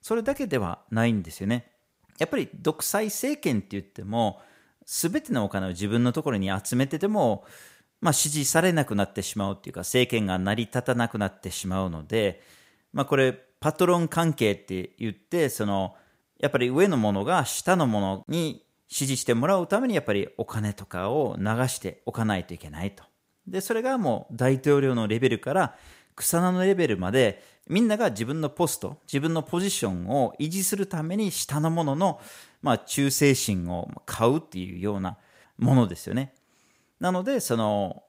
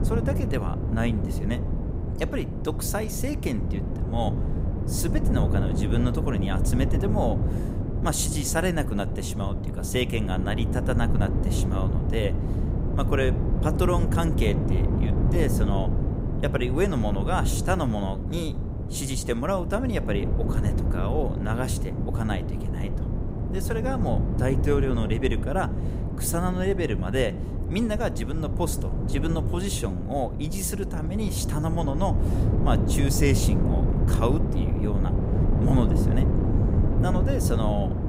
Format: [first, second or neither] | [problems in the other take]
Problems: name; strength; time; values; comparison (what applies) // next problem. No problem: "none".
first | wind noise on the microphone; heavy; 5 dB below the speech